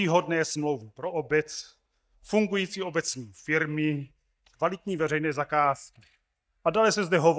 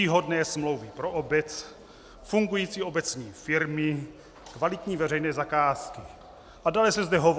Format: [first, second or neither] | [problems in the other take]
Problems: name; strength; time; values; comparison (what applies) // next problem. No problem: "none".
second | noise reduction (neural mask model DeepFilterNet 3)